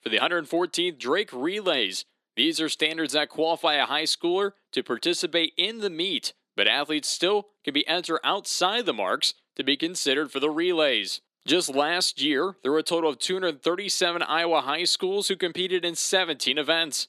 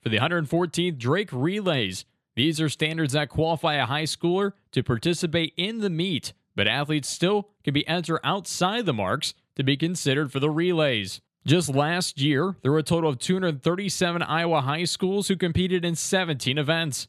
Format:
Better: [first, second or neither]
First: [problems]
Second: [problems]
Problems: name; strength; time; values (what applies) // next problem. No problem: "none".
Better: second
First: thin; somewhat; fading below 300 Hz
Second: none